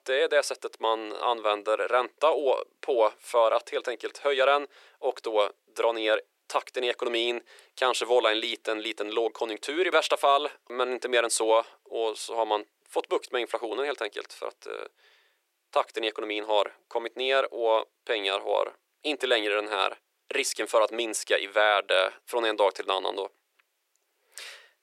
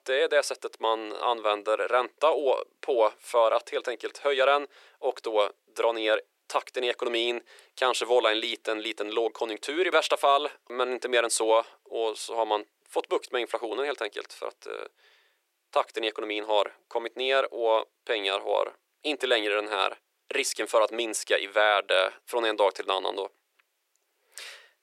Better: neither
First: thin; very; fading below 400 Hz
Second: thin; very; fading below 400 Hz

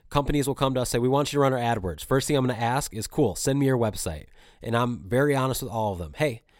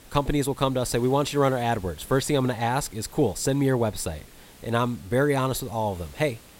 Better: first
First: none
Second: hiss; faint; throughout; 25 dB below the speech

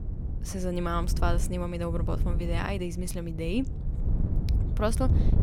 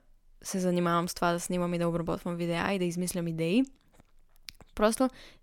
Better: second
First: wind noise on the microphone; occasional gusts; 10 dB below the speech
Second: none

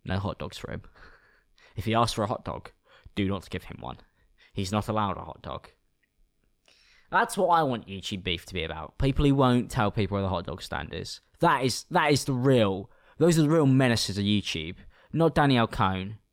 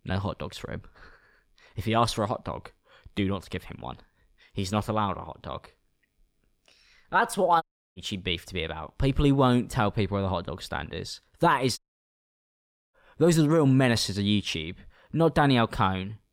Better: first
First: none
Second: audio cutting out; at 7.5 s and at 12 s for 1 s

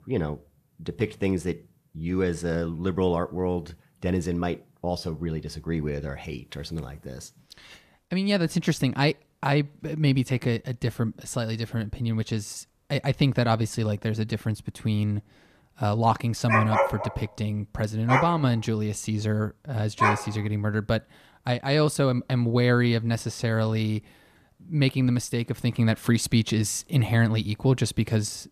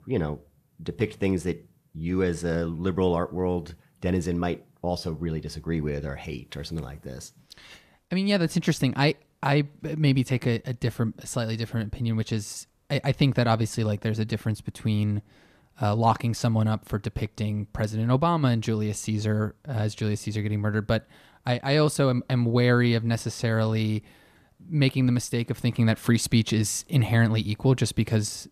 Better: second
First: dog barking; loud; from 16 to 20 s; peak 4 dB above the speech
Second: none

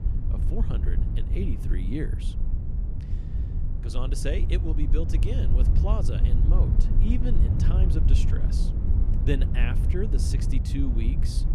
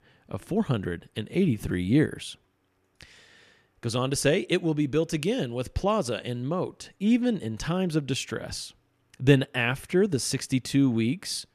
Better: second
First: low rumble; loud; throughout; 4 dB below the speech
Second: none

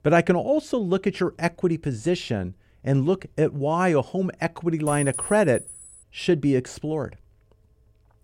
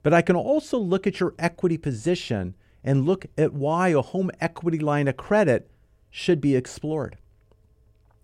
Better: second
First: clattering dishes; noticeable; from 5 to 6 s; peak 5 dB below the speech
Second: none

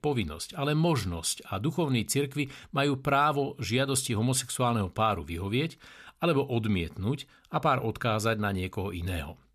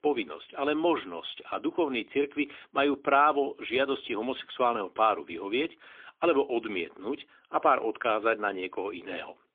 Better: first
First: none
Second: phone-call audio; poor line; nothing above 3.5 kHz

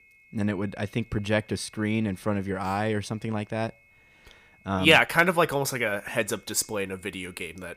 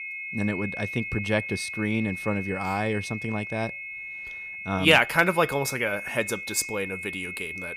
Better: first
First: high-pitched whine; faint; throughout; 2 kHz, 30 dB below the speech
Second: high-pitched whine; loud; throughout; 2 kHz, 7 dB below the speech

